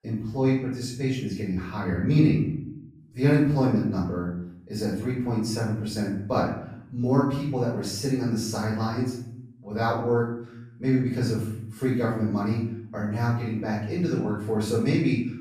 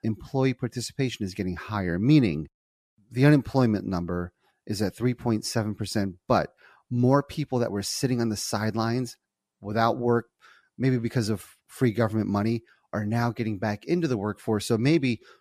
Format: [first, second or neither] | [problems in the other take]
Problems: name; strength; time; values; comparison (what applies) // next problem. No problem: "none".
second | room echo; noticeable; dies away in 0.7 s // off-mic speech; far